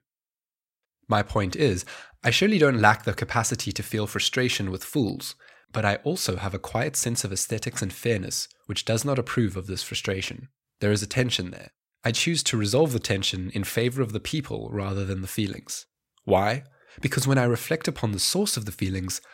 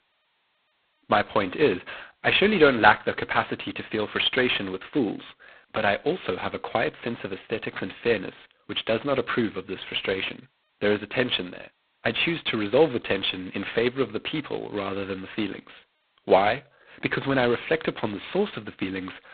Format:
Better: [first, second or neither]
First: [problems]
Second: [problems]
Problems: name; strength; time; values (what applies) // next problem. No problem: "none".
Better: first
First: none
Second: phone-call audio; poor line; nothing above 3.5 kHz